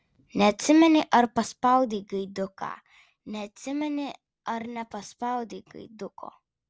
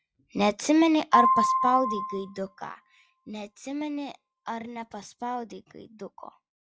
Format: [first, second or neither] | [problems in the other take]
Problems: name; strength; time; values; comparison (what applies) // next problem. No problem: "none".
first | noise reduction (classical method log-MMSE)